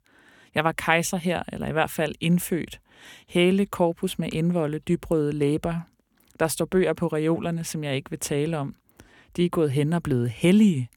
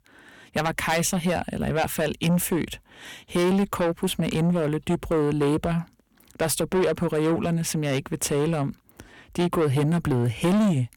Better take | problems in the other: first | distortion; heavy; 7 dB below the speech

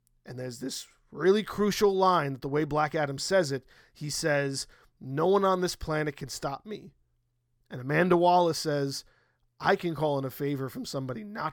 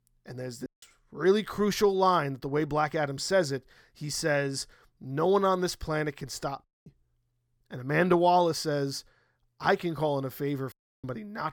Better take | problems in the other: first | audio cutting out; at 0.5 s, at 6.5 s and at 11 s

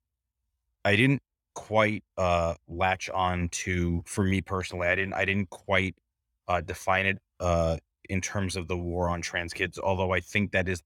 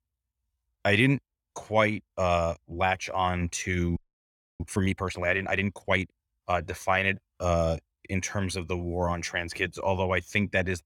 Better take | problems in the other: first | audio freezing; at 4 s for 0.5 s

